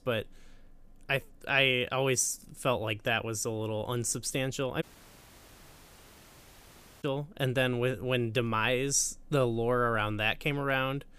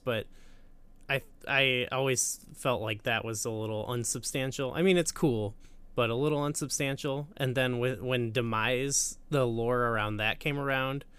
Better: second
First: audio cutting out; at 5 s for 2 s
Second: none

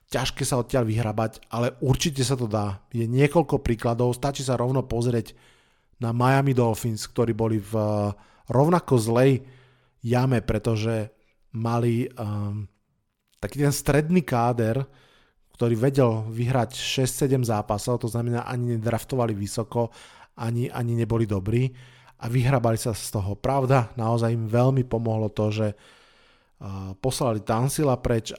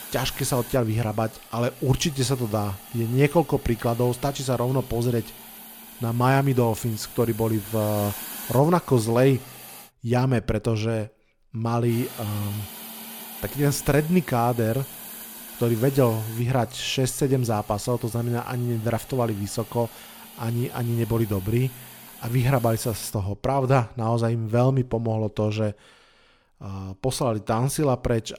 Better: first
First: none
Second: hiss; noticeable; until 10 s and from 12 to 23 s; 15 dB below the speech

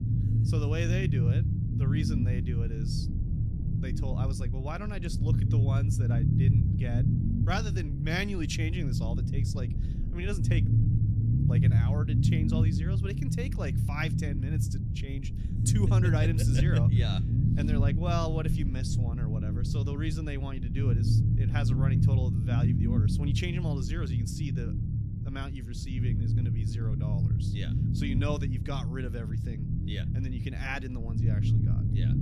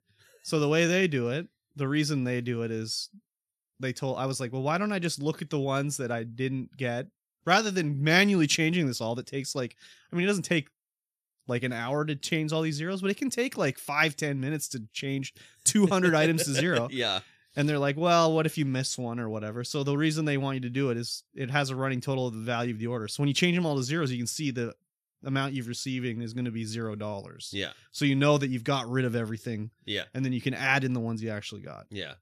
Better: second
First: low rumble; loud; throughout; 1 dB below the speech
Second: none

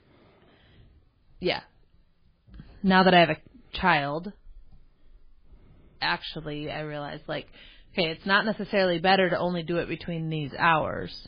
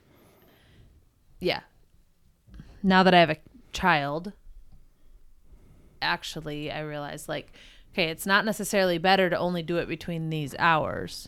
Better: second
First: garbled, watery; badly; nothing above 4.5 kHz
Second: none

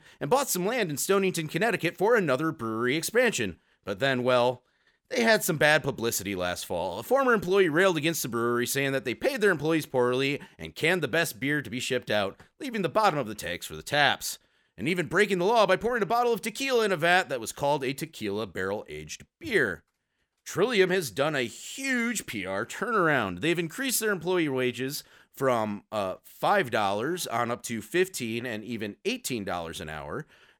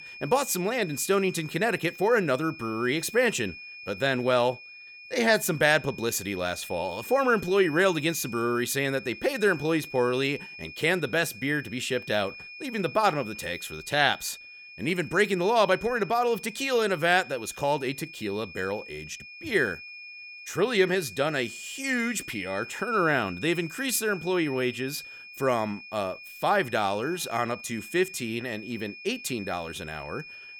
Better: first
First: none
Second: high-pitched whine; noticeable; throughout; 2.5 kHz, 15 dB below the speech

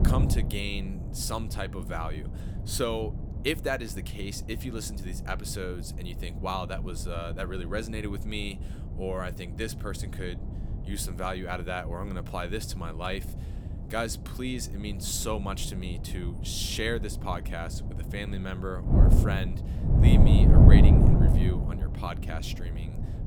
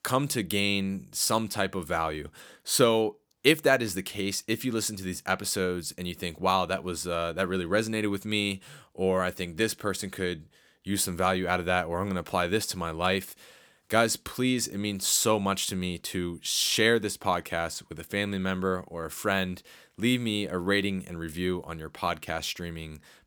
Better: second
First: wind noise on the microphone; heavy; 4 dB below the speech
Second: none

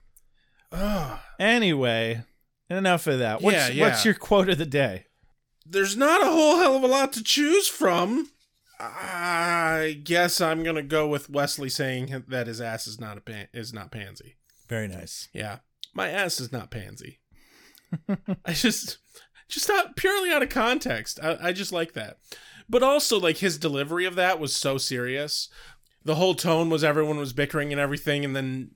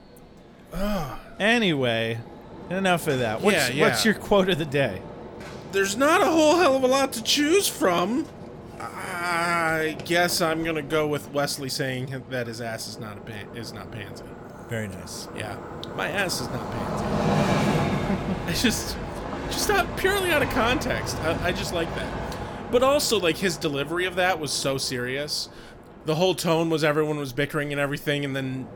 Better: first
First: none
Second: train or aircraft noise; loud; throughout; 9 dB below the speech

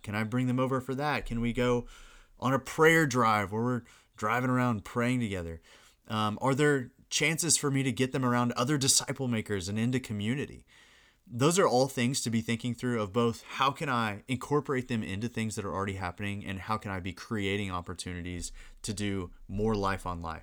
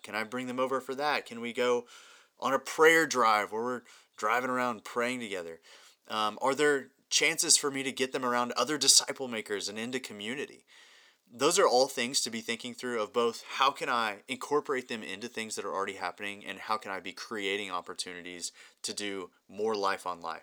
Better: first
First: none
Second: thin; somewhat; fading below 450 Hz

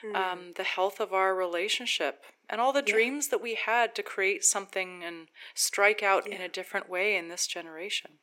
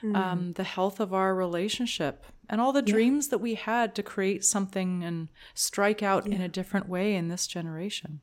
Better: second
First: thin; very; fading below 350 Hz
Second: none

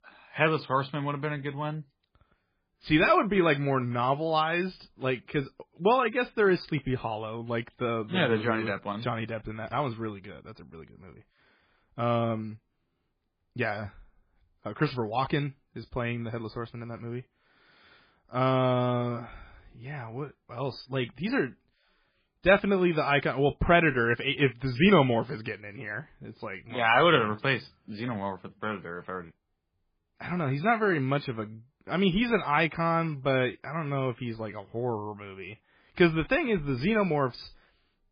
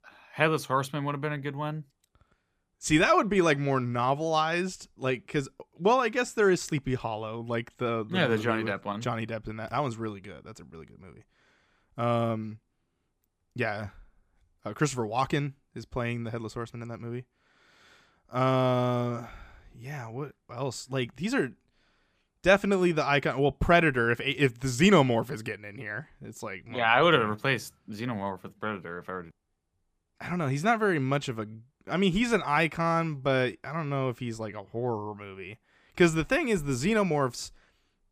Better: second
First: garbled, watery; badly; nothing above 5 kHz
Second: none

